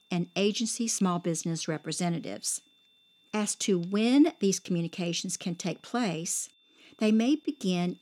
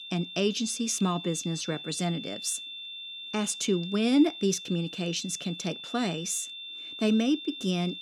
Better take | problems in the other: first | high-pitched whine; loud; throughout; 3.5 kHz, 10 dB below the speech; faint in the first

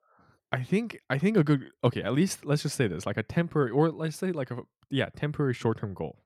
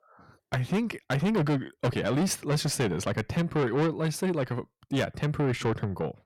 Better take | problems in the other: first | distortion; heavy; 6 dB below the speech

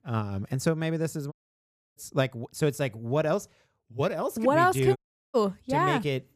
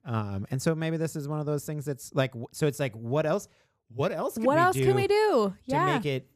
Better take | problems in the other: second | audio cutting out; at 1.5 s for 0.5 s and at 5 s

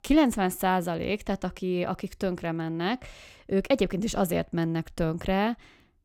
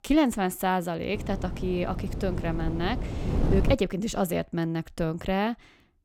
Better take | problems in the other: first | wind noise on the microphone; heavy; from 1 to 3.5 s; 9 dB below the speech

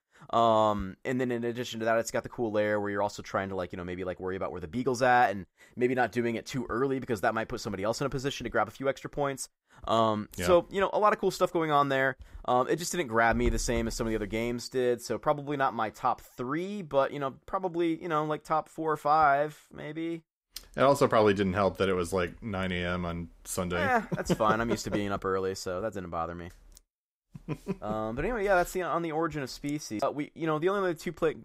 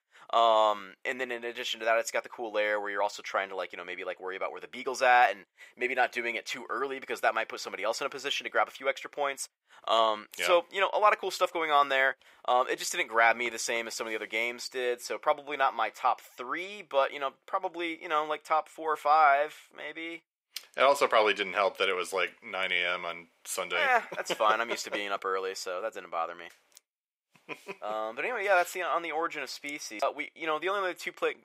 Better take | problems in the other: first | thin; very; fading below 600 Hz

